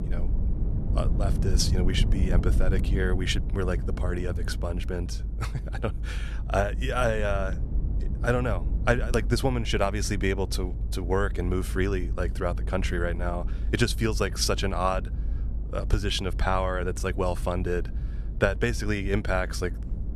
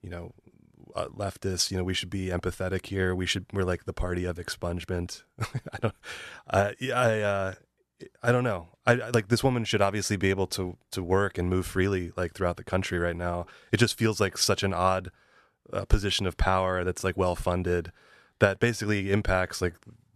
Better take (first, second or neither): second